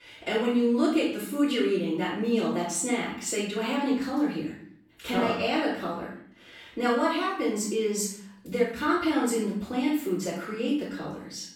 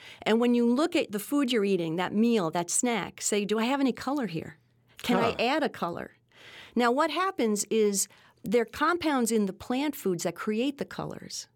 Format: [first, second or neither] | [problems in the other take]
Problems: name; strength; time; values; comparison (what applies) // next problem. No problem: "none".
second | off-mic speech; far // room echo; noticeable; dies away in 0.5 s